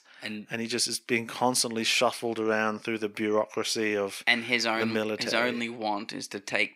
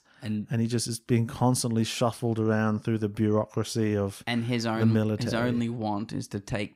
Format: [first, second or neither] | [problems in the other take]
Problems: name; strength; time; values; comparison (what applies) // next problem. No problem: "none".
second | thin; somewhat; fading below 350 Hz